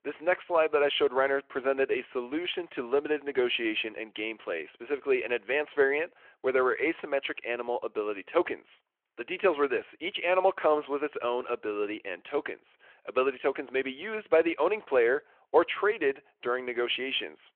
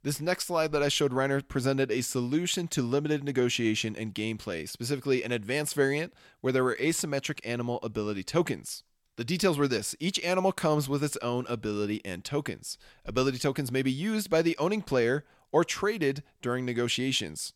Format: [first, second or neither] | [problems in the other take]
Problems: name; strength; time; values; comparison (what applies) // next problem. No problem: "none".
second | phone-call audio